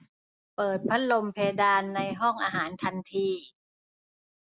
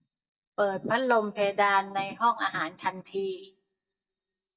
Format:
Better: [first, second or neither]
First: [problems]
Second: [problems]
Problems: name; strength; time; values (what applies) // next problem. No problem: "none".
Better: first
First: none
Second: noise reduction (neural mask model DeepFilterNet 3)